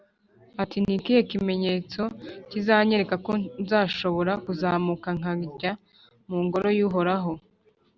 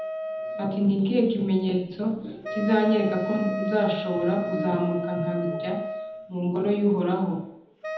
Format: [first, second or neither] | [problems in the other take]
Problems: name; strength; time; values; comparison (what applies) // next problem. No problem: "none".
first | background sound (Wind instrument, woodwind instrument); 8 dB below the speech // room echo; dies away in 1 s